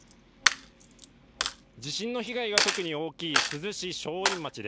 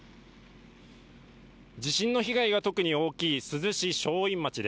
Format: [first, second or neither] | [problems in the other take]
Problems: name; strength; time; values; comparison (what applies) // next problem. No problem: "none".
second | background sound (Coin (dropping)); 3 dB above the speech